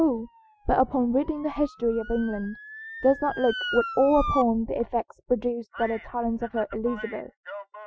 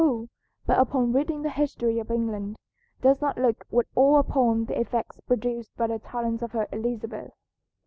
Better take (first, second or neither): second